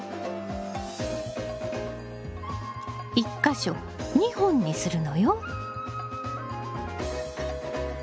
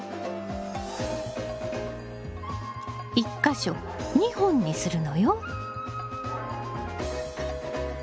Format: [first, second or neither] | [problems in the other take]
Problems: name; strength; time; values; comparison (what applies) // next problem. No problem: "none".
first | background sound (Train); 17 dB below the speech